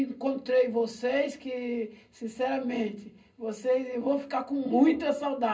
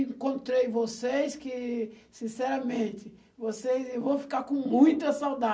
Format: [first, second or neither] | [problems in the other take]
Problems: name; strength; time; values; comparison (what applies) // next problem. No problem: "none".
second | room echo; dies away in 0.2 s